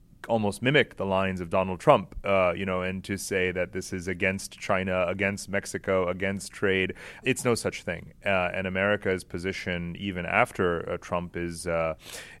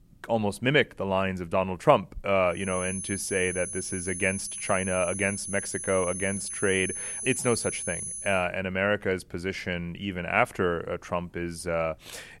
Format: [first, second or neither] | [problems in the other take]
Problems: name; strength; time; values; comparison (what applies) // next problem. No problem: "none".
first | high-pitched whine; loud; from 2.5 to 8.5 s; 10 kHz, 5 dB below the speech